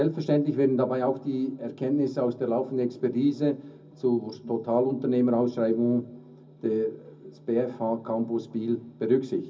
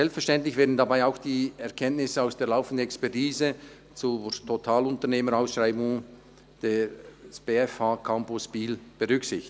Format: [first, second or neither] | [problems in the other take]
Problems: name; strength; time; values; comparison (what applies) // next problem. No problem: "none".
second | room echo; dies away in 0.4 s